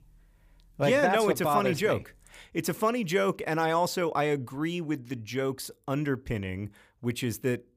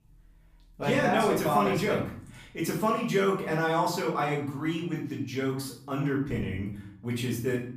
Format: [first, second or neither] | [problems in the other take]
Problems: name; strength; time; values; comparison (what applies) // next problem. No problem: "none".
first | off-mic speech; far // room echo; noticeable; dies away in 0.6 s